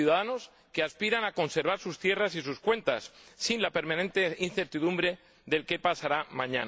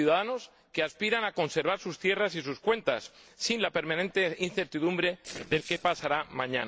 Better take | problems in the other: first | noise reduction (neural separator model SepFormer DNS4)

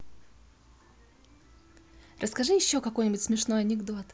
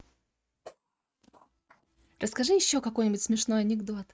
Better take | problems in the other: first | noise reduction (neural mask model RNNoise)

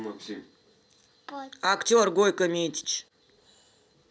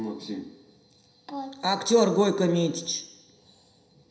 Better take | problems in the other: first | room echo; dies away in 0.9 s

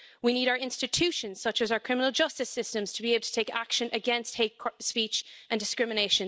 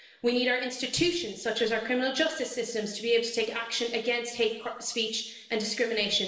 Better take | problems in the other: first | room echo; dies away in 0.8 s

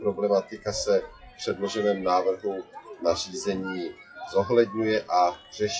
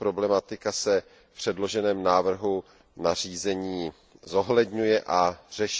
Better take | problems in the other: second | noise reduction (classical method WPE with log-MMSE)

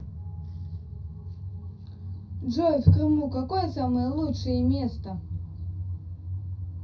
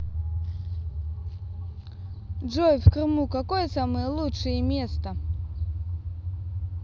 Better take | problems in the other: second | room echo; dies away in 0.3 s

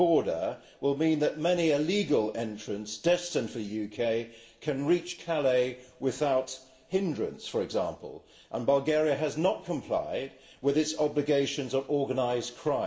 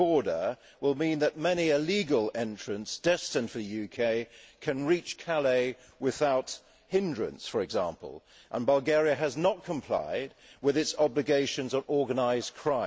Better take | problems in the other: second | room echo; dies away in 0.6 s

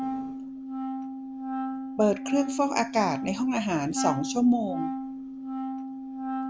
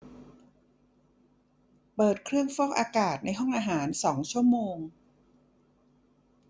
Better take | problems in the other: second | background sound (Wind instrument, woodwind instrument); 4 dB below the speech

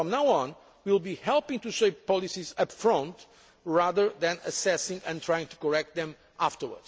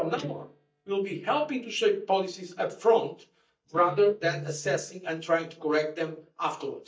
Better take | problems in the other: first | noise reduction (neural mask model DeepFilterNet 3)

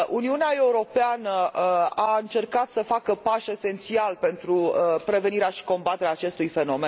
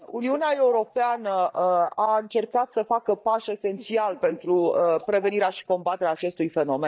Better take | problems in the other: first | noise reduction (neural mask model DeepFilterNet 3)

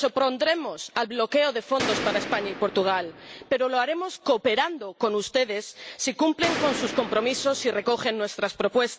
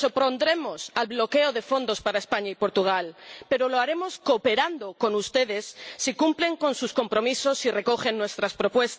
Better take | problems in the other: second | background sound (Gunshot, gunfire); 7 dB below the speech

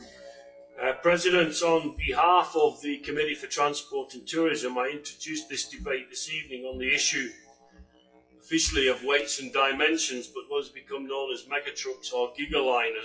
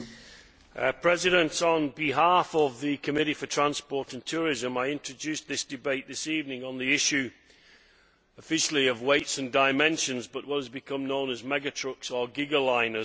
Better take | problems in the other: second | noise reduction (classical method WPE with log-MMSE)

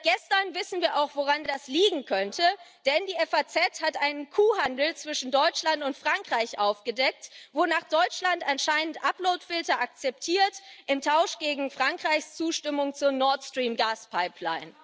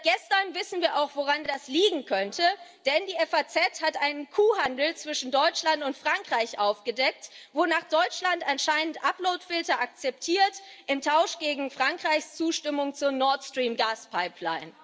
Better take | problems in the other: first | room echo; dies away in 0.3 s

